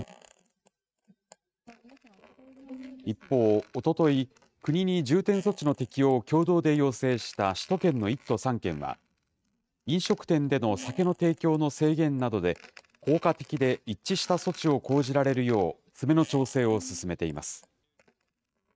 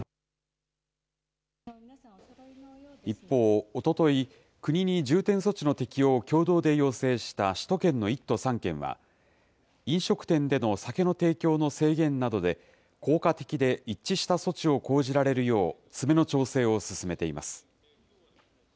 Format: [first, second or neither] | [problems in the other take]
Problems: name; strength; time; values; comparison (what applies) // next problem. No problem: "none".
second | noise reduction (neural mask model RNNoise)